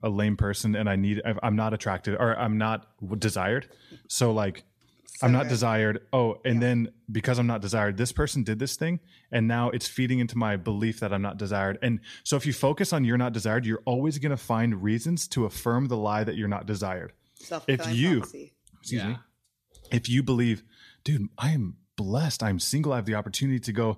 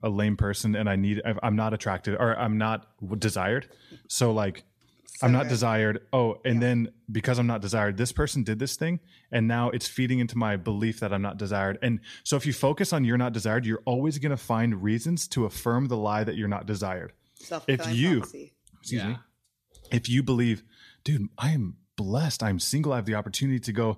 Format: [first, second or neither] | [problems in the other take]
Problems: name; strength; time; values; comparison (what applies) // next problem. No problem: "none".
neither | none